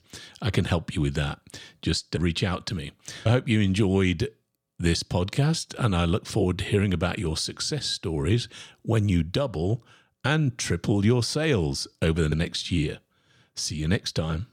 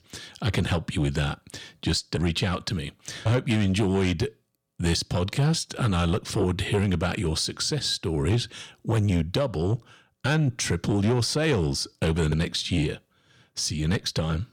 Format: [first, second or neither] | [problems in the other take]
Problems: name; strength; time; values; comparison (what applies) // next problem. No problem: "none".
first | distortion; slight; 10 dB below the speech